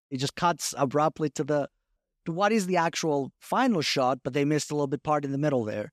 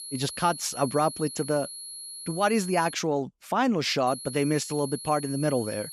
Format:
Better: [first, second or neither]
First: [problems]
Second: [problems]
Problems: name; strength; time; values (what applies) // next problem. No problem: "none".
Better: first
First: none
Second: high-pitched whine; noticeable; until 3 s and from 4 s on; 4.5 kHz, 10 dB below the speech